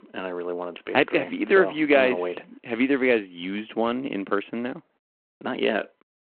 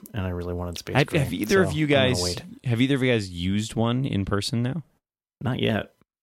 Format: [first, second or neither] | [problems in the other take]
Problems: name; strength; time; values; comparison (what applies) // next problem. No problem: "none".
second | phone-call audio